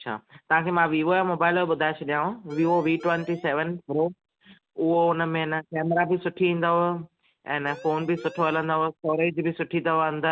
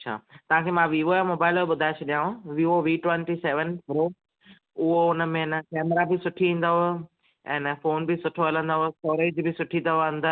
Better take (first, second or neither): second